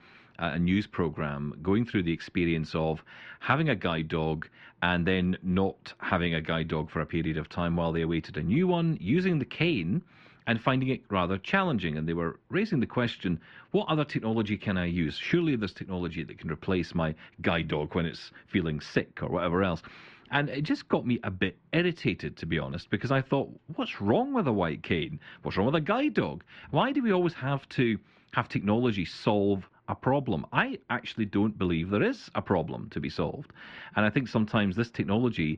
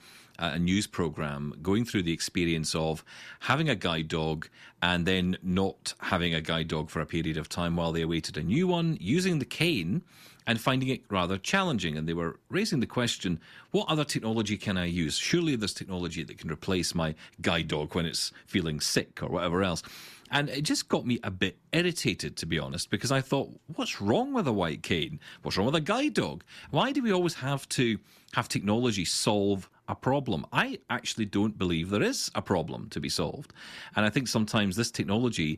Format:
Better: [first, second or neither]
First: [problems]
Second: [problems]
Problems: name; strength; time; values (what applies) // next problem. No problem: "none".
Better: second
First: muffled; very; fading above 3 kHz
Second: none